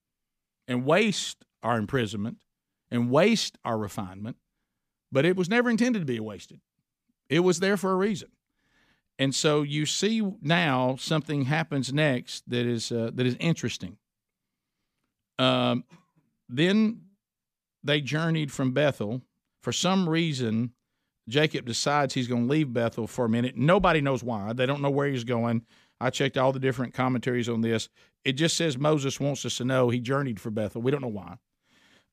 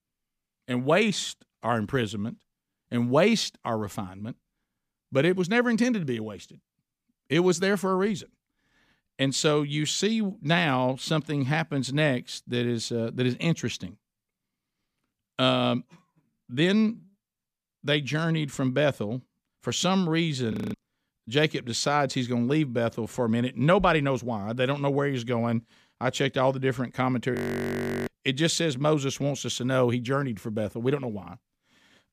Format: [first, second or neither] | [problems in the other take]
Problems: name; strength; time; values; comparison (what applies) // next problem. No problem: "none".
first | audio freezing; at 21 s and at 27 s for 0.5 s